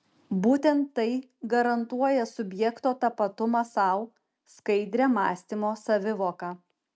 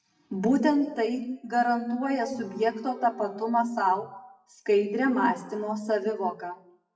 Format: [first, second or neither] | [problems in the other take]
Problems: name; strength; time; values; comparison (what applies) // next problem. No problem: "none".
first | noise reduction (classical method WPE with log-MMSE)